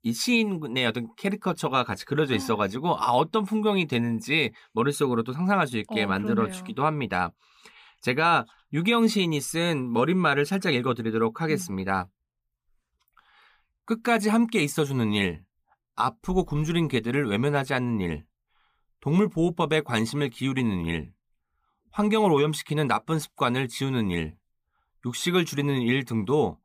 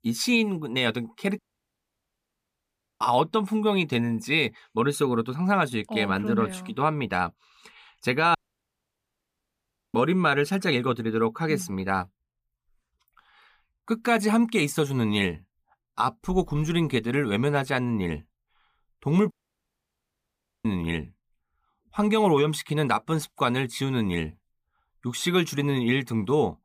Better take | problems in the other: first | audio cutting out; at 1.5 s for 1.5 s, at 8.5 s for 1.5 s and at 19 s for 1.5 s

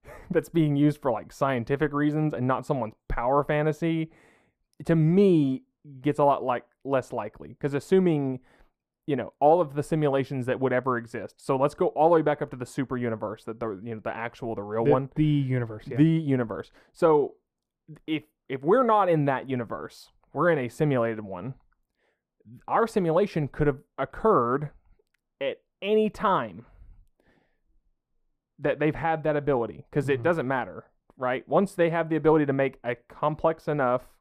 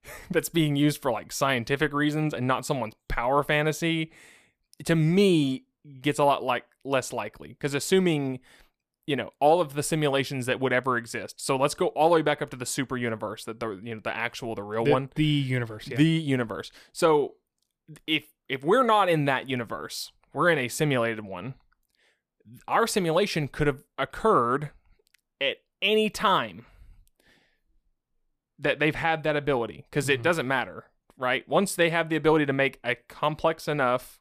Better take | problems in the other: second | muffled; slightly; fading above 2 kHz

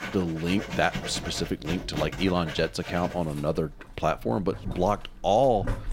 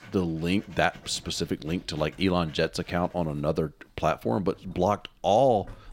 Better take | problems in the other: second | household noises; loud; throughout; 10 dB below the speech; faint in the second

